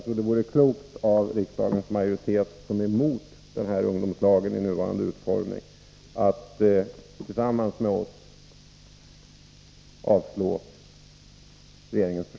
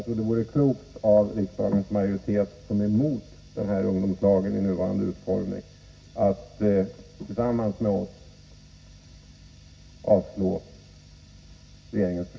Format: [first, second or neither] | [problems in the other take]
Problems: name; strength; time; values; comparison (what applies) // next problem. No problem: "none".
first | room echo; dies away in 0.4 s